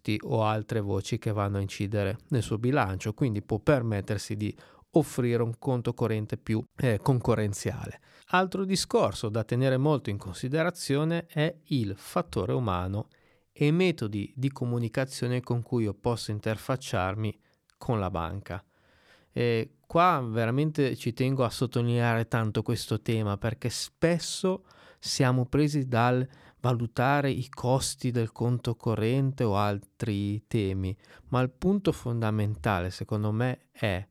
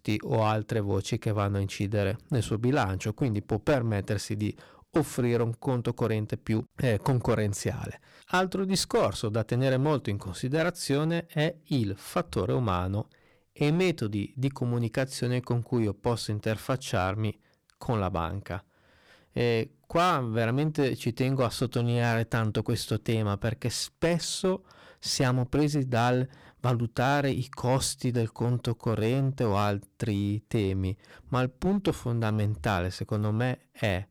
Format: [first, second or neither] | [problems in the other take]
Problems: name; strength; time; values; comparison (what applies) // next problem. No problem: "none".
first | distortion; slight; 7% of the sound clipped